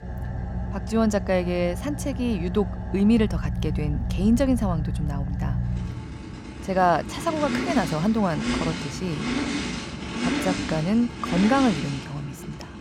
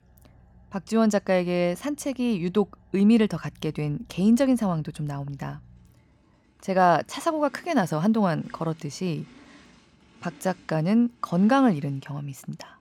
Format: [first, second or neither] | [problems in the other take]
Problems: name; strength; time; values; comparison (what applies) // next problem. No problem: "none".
second | traffic noise; loud; throughout; 5 dB below the speech; faint in the second